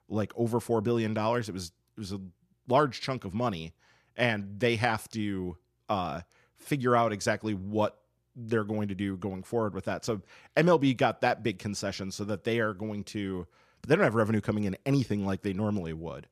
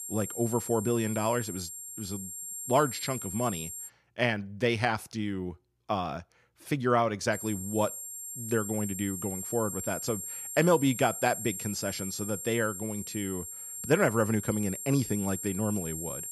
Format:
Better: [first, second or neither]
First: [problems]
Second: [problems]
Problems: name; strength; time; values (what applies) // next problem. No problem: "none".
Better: first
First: none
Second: high-pitched whine; loud; until 4 s and from 7.5 s on; 7.5 kHz, 6 dB below the speech